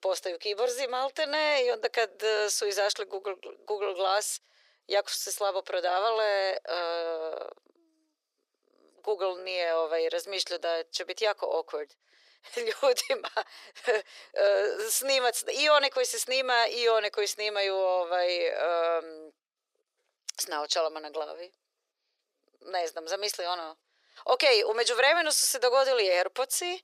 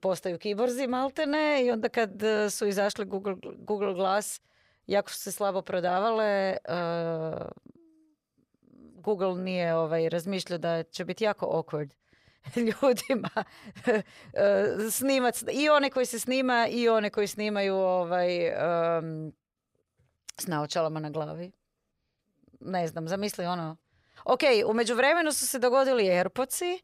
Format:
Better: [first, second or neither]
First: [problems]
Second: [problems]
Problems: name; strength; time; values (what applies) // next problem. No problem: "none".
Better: second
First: thin; very; fading below 400 Hz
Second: none